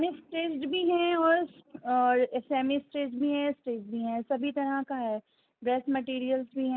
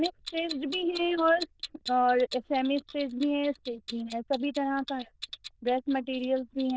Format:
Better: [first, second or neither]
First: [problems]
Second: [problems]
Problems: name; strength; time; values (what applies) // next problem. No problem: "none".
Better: first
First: none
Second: noise reduction (neural diffusion model UNIVERSE++)